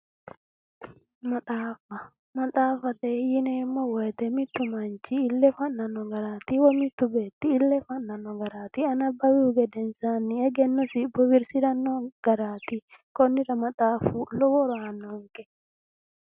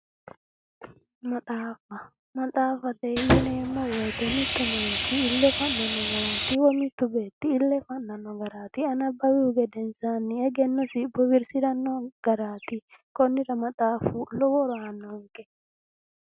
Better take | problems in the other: first | background sound (Sawing); 1 dB below the speech

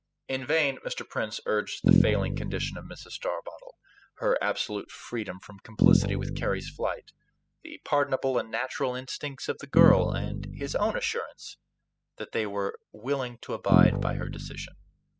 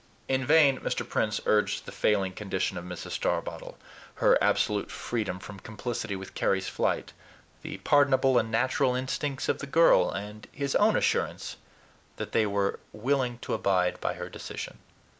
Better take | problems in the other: second | noise reduction (classical method spectral subtraction)

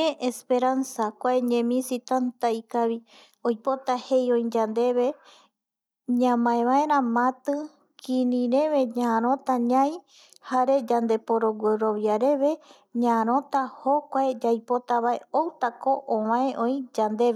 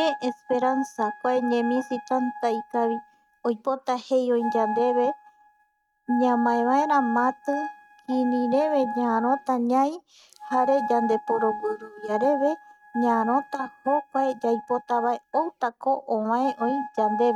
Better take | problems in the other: first | noise reduction (neural mask model RNNoise)

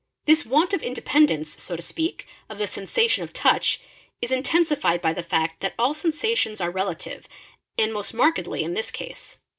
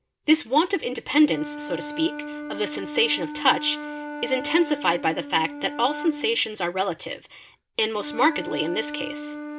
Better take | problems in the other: first | background sound (Wind instrument, woodwind instrument); 10 dB below the speech

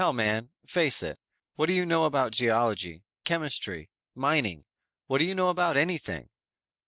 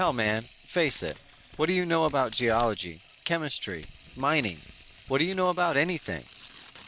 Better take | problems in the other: first | background sound (Tearing + Sink (filling or washing) / Water tap, faucet); 20 dB below the speech

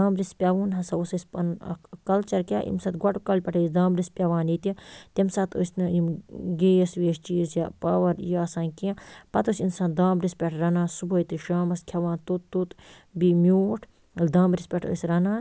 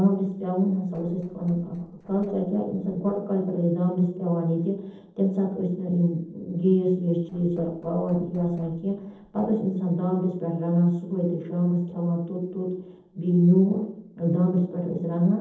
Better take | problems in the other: first | noise reduction (neural separator model SepFormer DNS4)

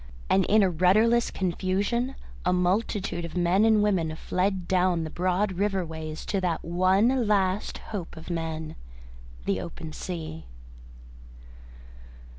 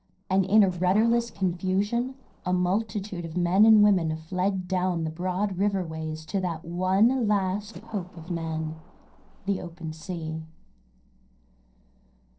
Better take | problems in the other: first | noise reduction (neural separator model SepFormer DNS4)

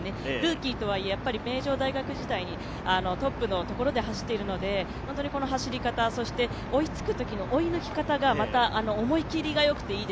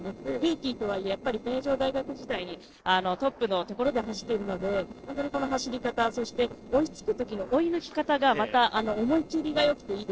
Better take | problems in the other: first | noise reduction (neural separator model SepFormer DNS4)

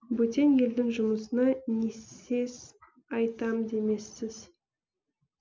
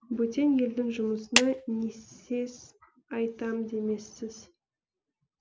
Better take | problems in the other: first | background sound (Clapping); as loud as the speech

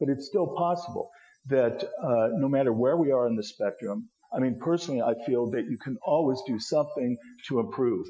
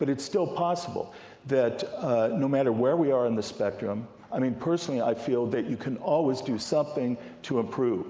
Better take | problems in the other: second | noise reduction (classical method Wiener filter)

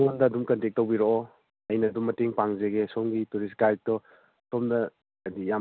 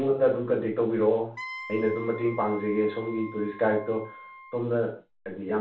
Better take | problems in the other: first | background sound (Wind instrument, woodwind instrument); 16 dB below the speech // room echo; dies away in 0.3 s

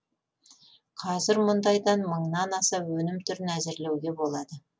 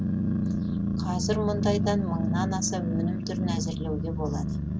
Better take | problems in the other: first | background sound (Growling); 5 dB above the speech

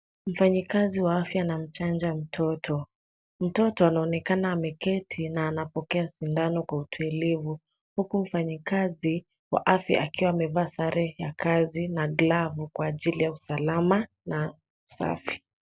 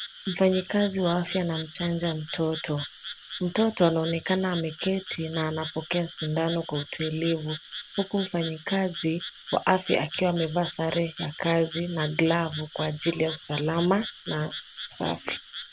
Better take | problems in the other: first | background sound (Frog); 12 dB below the speech

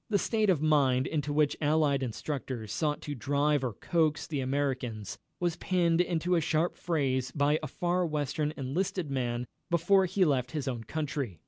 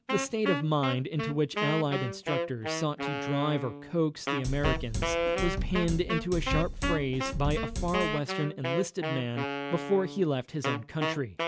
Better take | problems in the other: first | background sound (Wind instrument, woodwind instrument + Drum kit); 2 dB below the speech

